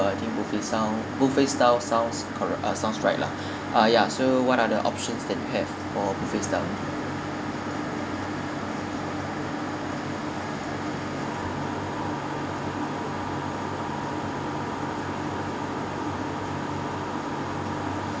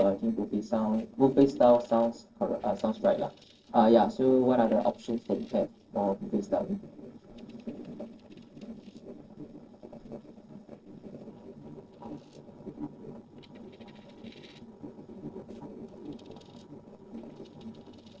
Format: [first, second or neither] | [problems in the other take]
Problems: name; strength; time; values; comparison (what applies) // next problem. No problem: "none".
first | noise reduction (neural separator model SepFormer DNS4)